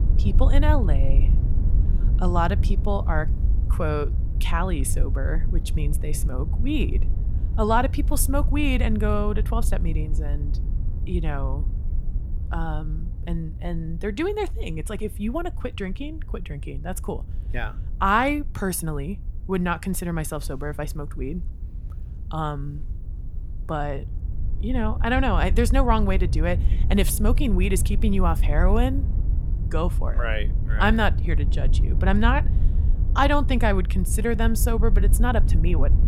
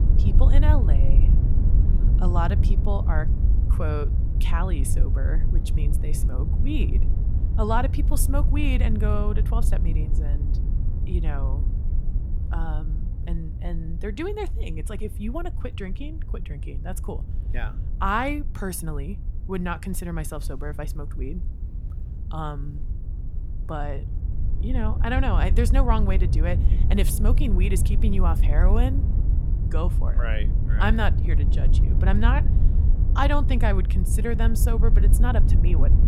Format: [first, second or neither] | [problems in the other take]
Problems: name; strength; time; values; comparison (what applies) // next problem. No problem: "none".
first | wind noise on the microphone; heavy; 9 dB below the speech; occasional gusts in the first